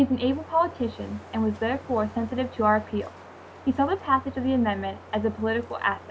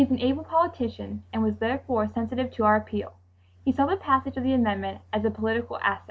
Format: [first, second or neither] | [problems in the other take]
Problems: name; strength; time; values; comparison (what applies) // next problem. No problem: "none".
second | background sound (Wind); 19 dB below the speech